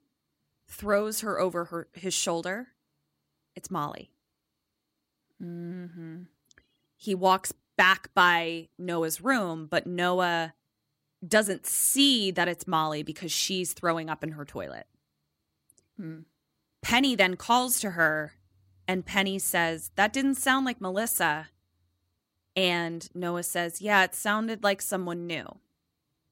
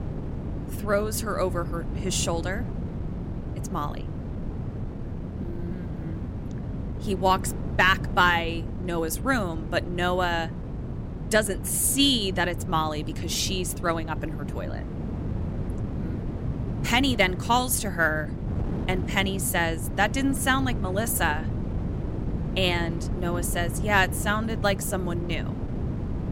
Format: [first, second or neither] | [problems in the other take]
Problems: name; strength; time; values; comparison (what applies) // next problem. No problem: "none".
first | wind noise on the microphone; occasional gusts; 15 dB below the speech